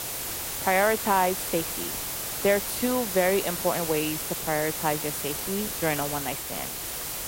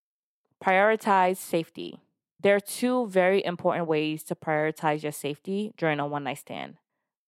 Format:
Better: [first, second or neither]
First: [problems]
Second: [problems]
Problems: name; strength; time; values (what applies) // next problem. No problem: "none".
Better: second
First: hiss; loud; throughout; 3 dB below the speech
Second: none